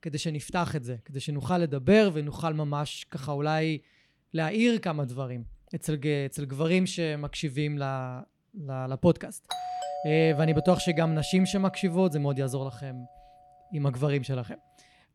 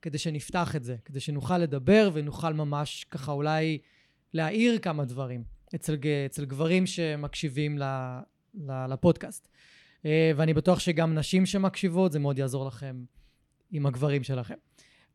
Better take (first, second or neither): second